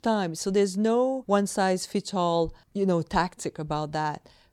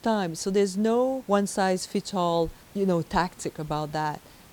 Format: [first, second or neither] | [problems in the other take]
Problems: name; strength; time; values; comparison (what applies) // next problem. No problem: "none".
first | hiss; faint; throughout; 25 dB below the speech